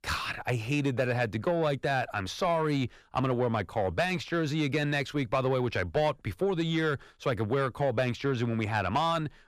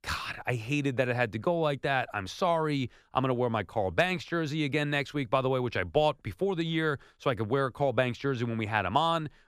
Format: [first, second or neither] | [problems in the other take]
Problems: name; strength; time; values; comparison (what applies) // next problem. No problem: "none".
second | distortion; slight; 10 dB below the speech